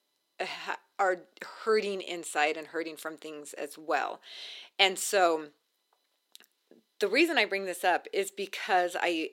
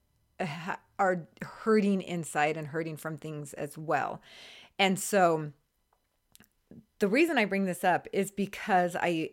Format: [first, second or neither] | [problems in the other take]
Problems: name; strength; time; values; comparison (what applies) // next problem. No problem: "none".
second | thin; somewhat; fading below 350 Hz